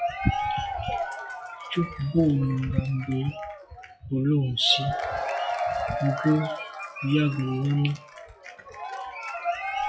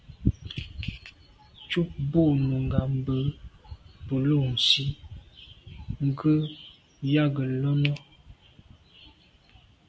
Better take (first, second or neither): second